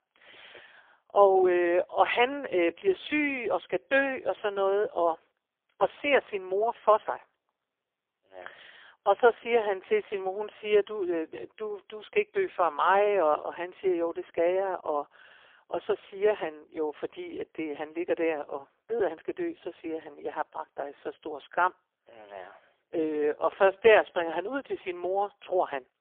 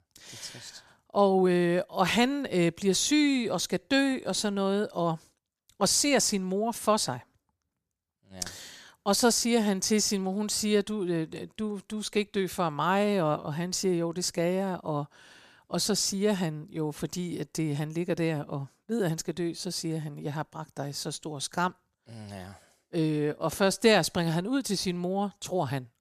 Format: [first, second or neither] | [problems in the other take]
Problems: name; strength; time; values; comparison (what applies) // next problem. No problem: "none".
second | phone-call audio; poor line